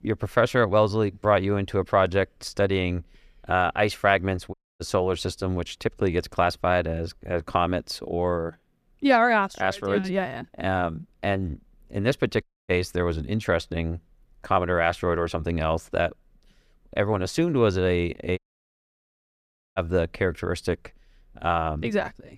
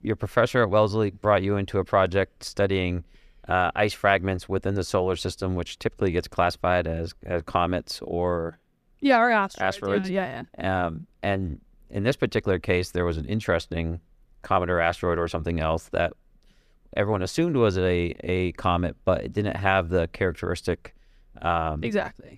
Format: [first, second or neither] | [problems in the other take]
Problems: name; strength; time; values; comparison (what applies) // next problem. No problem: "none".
second | audio cutting out; at 4.5 s, at 12 s and at 18 s for 1.5 s